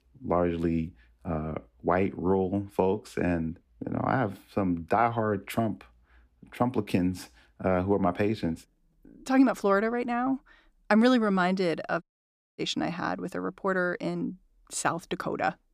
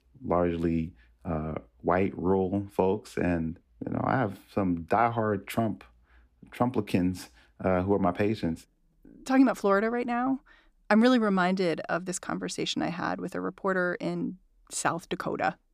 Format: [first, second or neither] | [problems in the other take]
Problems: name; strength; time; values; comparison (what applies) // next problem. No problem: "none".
second | audio cutting out; at 12 s for 0.5 s